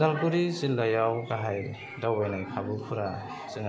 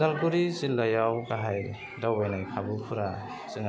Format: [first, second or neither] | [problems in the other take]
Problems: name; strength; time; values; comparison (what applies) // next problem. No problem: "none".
second | room echo; dies away in 2 s